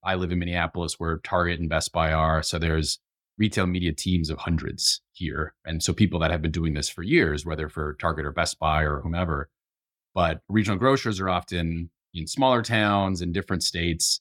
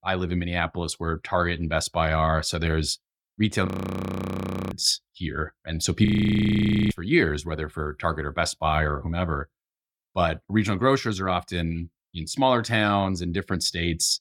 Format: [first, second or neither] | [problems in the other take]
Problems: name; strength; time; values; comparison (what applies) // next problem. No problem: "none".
first | audio freezing; at 3.5 s for 1 s and at 6 s for 1 s